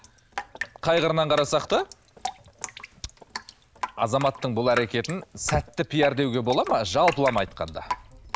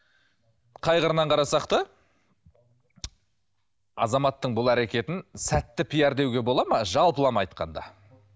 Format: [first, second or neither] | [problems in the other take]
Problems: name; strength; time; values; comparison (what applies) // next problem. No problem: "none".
second | background sound (Drip); 10 dB below the speech